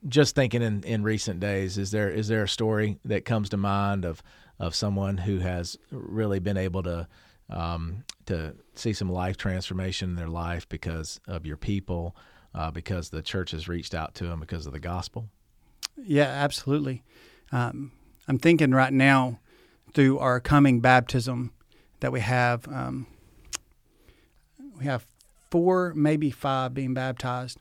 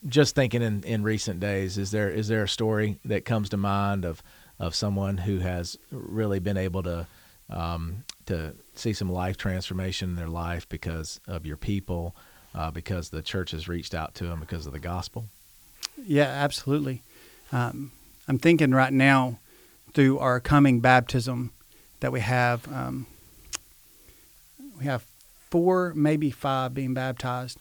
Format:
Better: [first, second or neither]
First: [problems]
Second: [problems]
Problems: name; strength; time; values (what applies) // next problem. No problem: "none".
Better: first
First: none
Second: hiss; faint; throughout; 25 dB below the speech